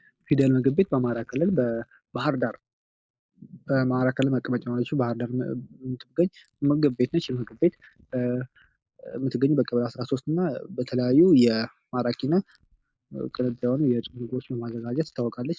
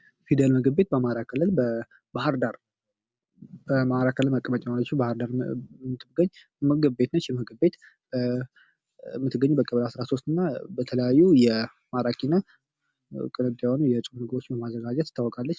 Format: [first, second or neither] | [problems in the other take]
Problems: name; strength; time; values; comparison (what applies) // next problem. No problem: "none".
second | noise reduction (neural mask model Resemble Enhance denoiser)